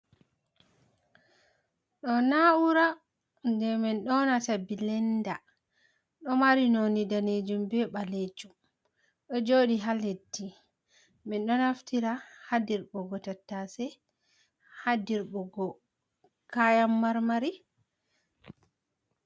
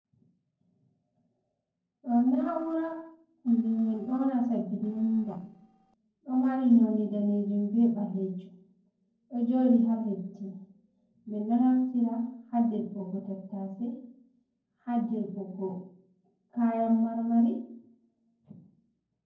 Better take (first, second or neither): first